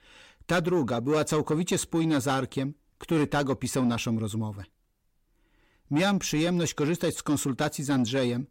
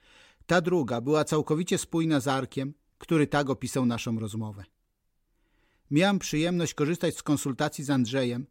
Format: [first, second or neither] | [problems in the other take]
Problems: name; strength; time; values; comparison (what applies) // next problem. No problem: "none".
second | distortion; slight; 10 dB below the speech